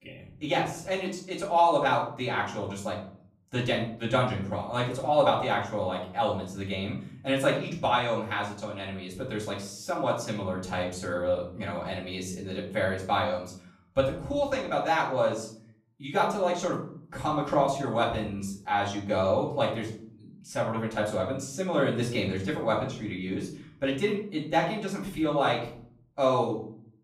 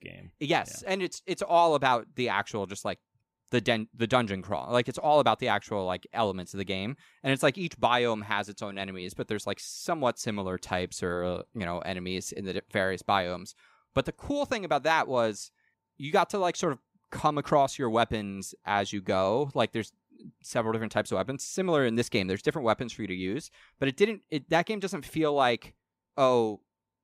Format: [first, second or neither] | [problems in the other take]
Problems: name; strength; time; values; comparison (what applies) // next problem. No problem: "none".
second | off-mic speech; far // room echo; slight; dies away in 0.5 s